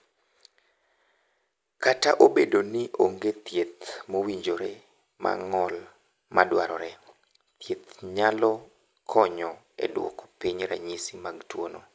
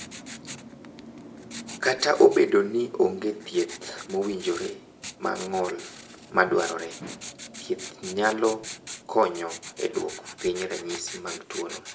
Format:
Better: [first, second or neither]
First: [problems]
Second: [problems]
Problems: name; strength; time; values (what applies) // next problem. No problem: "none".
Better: first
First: none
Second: background sound (Writing); 14 dB below the speech // room echo; dies away in 0.4 s